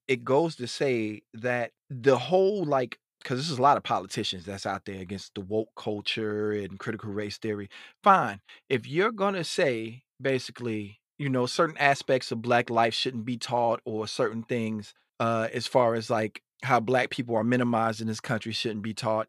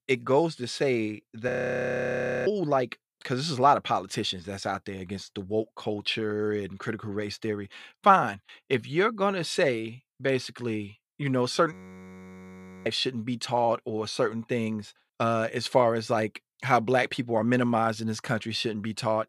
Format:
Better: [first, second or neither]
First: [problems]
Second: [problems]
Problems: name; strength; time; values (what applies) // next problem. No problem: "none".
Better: first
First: none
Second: audio freezing; at 1.5 s for 1 s and at 12 s for 1 s